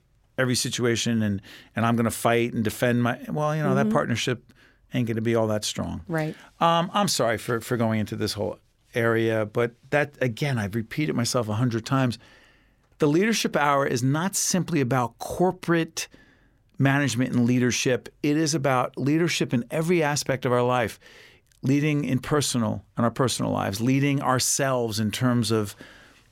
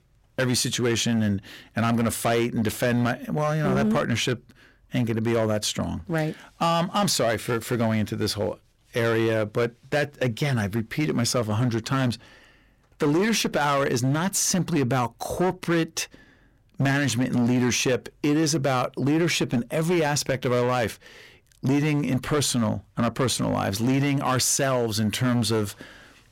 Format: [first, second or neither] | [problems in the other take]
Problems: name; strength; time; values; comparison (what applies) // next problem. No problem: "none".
first | distortion; slight; 11% of the sound clipped